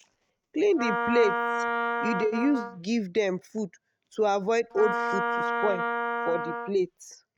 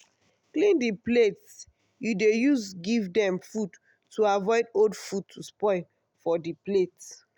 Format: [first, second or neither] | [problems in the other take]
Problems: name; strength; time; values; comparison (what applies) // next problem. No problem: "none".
second | noise reduction (neural mask model RNNoise)